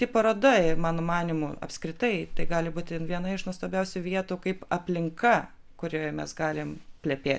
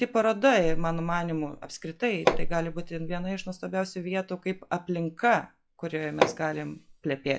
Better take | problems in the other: first | noise reduction (classical method log-MMSE)

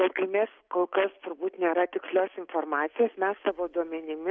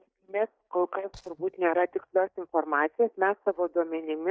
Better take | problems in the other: first | noise reduction (neural mask model DeepFilterNet 3)

